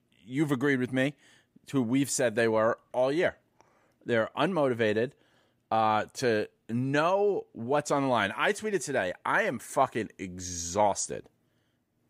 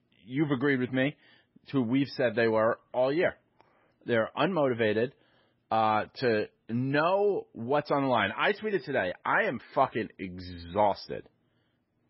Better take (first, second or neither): first